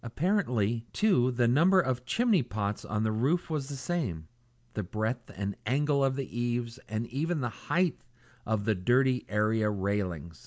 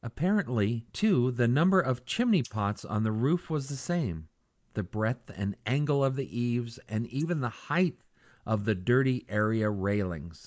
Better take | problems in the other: first | noise reduction (neural mask model Resemble Enhance denoiser)

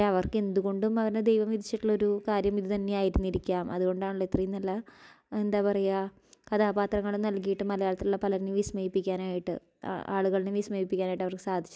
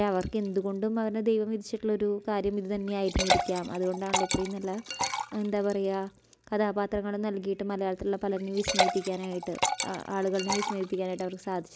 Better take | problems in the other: first | background sound (Liquid); 5 dB below the speech

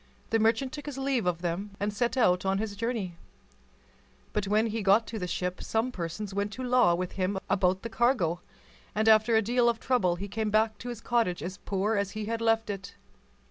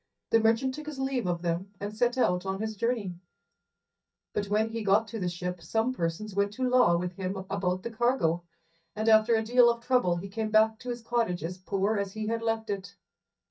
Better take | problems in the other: first | noise reduction (neural mask model DeepFilterNet 3)

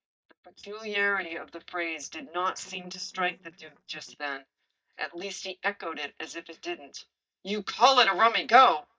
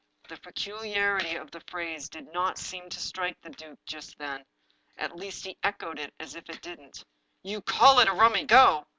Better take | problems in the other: second | noise reduction (neural mask model DeepFilterNet 3)

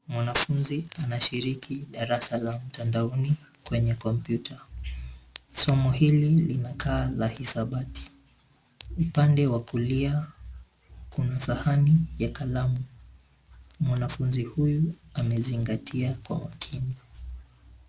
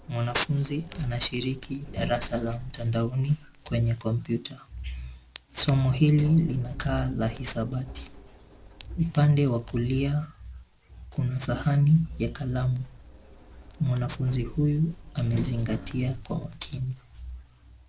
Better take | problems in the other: first | background sound (Sliding door); 15 dB below the speech

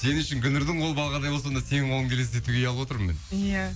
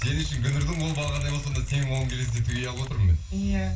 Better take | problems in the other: first | background sound (Mechanisms); 19 dB below the speech // room echo; dies away in 0.3 s

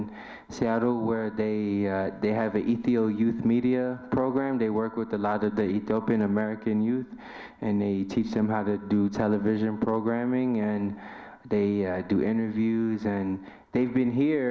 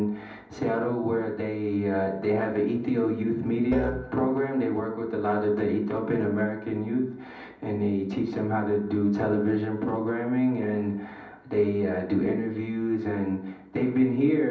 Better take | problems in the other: first | background sound (Musical instrument); 12 dB below the speech // room echo; dies away in 0.6 s

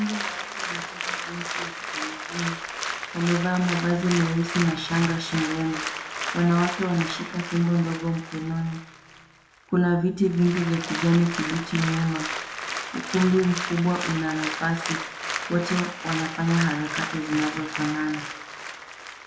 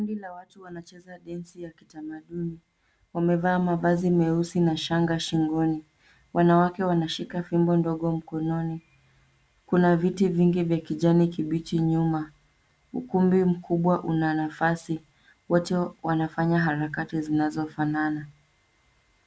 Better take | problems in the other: second | background sound (Applause); 7 dB below the speech // room echo; dies away in 0.8 s

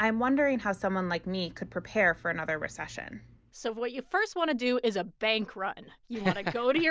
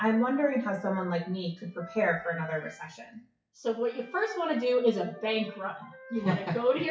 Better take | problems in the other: first | noise reduction (classical method WPE with log-MMSE)

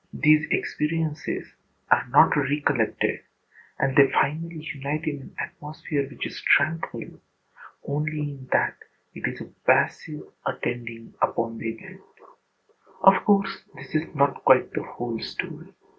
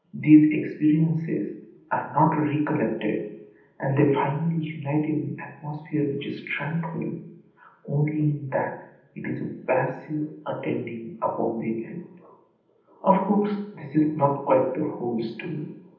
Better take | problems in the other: first | room echo; dies away in 0.8 s

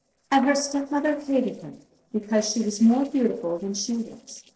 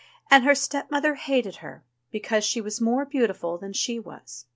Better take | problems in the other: second | noise reduction (neural separator model SepFormer DNS4)

